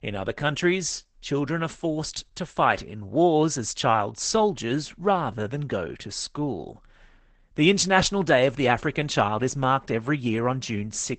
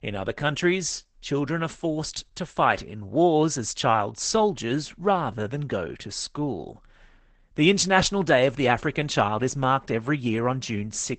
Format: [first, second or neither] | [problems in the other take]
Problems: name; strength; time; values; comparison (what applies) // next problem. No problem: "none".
neither | garbled, watery; badly; nothing above 8 kHz; the same in both